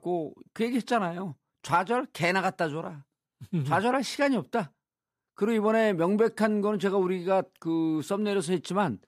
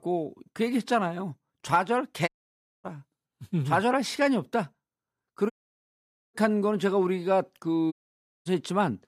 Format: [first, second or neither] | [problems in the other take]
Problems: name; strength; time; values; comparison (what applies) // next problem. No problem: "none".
first | audio cutting out; at 2.5 s for 0.5 s, at 5.5 s for 1 s and at 8 s for 0.5 s